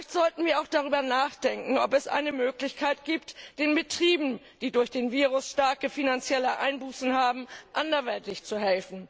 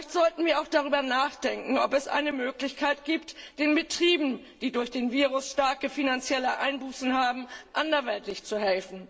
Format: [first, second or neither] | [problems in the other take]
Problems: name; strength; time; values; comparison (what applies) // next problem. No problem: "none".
first | room echo; dies away in 0.4 s